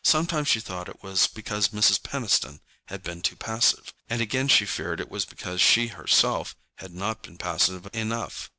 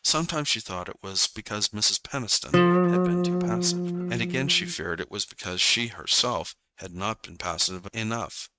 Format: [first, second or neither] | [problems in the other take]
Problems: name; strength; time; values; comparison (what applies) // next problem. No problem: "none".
first | noise reduction (neural mask model RNNoise)